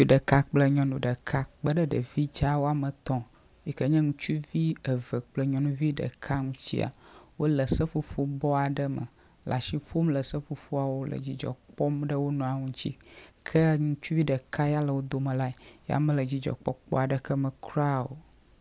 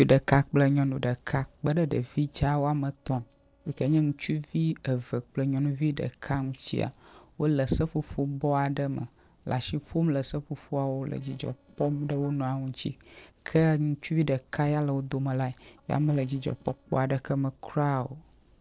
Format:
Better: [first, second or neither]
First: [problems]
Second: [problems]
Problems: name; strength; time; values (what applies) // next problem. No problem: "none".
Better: first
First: none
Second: noise reduction (neural separator model SepFormer DNS4)